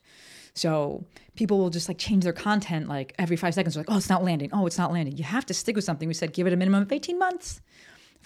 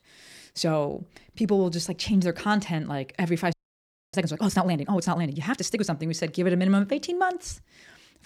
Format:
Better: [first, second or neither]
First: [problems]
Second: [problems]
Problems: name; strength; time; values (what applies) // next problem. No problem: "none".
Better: first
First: none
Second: audio freezing; at 3.5 s for 0.5 s